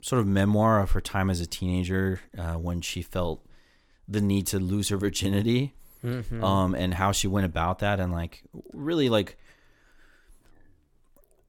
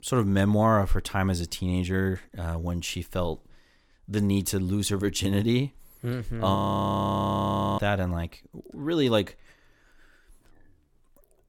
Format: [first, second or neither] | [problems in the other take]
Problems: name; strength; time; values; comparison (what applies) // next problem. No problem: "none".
first | audio freezing; at 6.5 s for 1 s